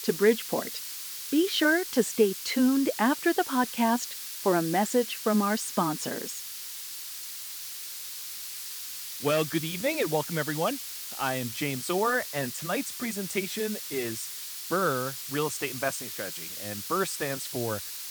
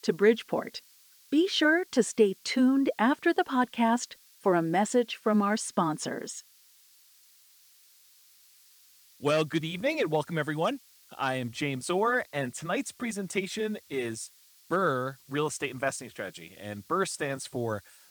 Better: second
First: hiss; loud; throughout; 7 dB below the speech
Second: hiss; faint; throughout; 25 dB below the speech

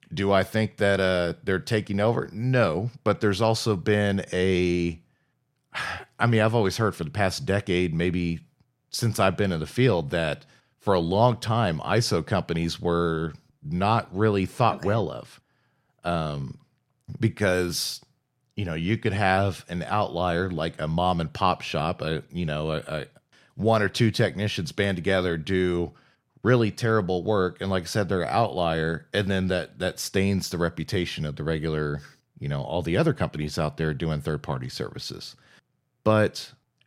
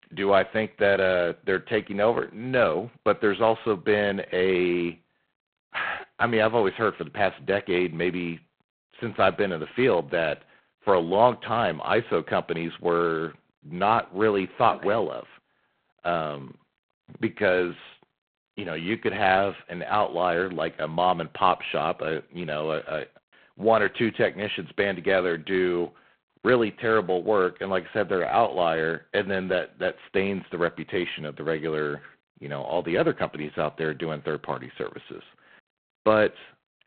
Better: first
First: none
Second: phone-call audio; poor line; nothing above 4 kHz

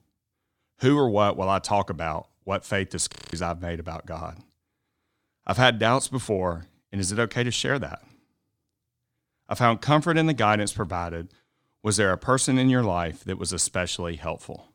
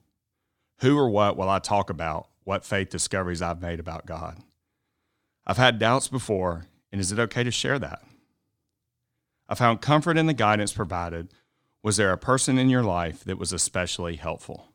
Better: second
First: audio freezing; at 3 s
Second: none

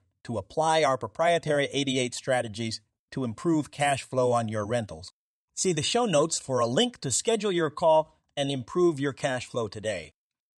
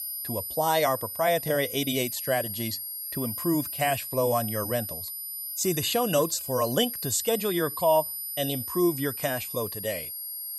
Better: first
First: none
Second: high-pitched whine; loud; throughout; 12 kHz, 5 dB below the speech

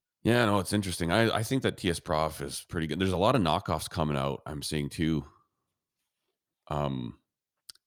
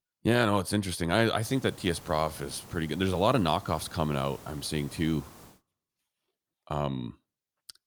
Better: first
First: none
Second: hiss; very faint; from 1.5 to 5.5 s; 20 dB below the speech

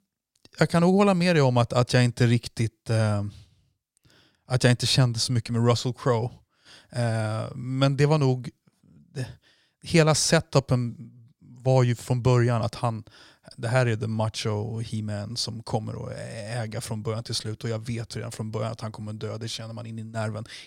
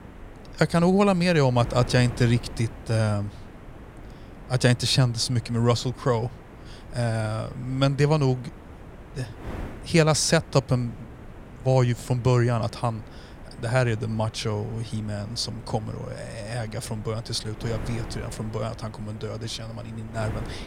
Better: first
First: none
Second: wind noise on the microphone; occasional gusts; 20 dB below the speech

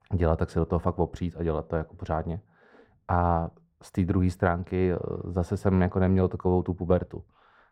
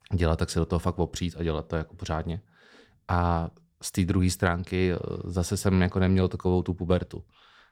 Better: second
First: muffled; very; fading above 2.5 kHz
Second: none

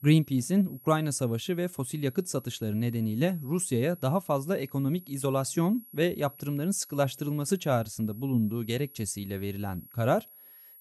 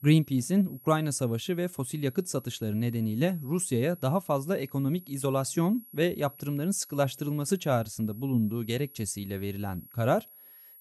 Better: neither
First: high-pitched whine; faint; throughout; 11.5 kHz, 20 dB below the speech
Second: high-pitched whine; faint; throughout; 11.5 kHz, 20 dB below the speech

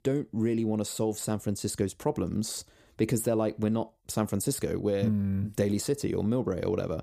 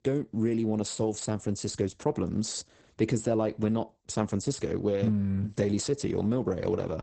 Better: first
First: none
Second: garbled, watery; badly; nothing above 8 kHz

